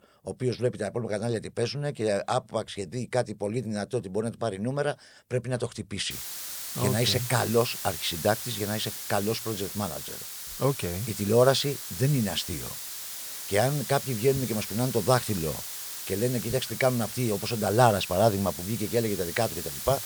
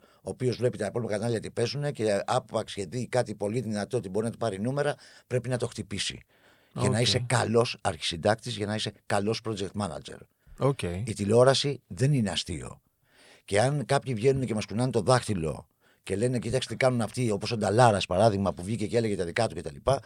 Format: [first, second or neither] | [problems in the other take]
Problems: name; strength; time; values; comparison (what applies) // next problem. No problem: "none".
second | hiss; loud; from 6 s on; 7 dB below the speech